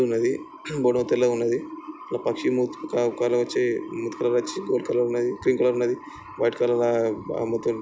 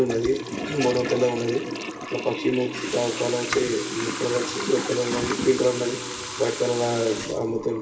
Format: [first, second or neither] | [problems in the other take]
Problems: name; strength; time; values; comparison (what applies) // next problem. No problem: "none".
first | background sound (Toilet flush / Water tap, faucet); 8 dB below the speech // room echo; dies away in 2.4 s